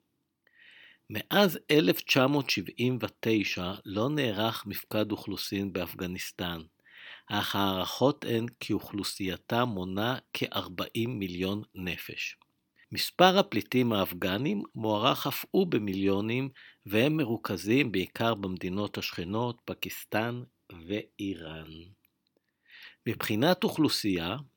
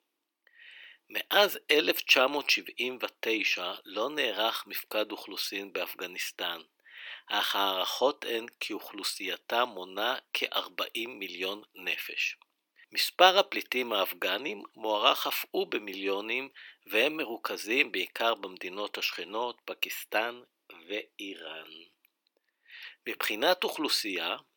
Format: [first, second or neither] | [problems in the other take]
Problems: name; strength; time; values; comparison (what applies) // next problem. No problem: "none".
first | thin; very; fading below 450 Hz